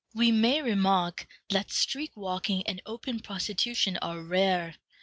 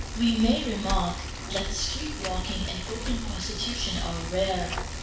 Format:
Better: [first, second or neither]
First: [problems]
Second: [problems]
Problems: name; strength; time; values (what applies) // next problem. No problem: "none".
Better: first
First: none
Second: background sound (Bicycle); 3 dB below the speech // room echo; dies away in 0.7 s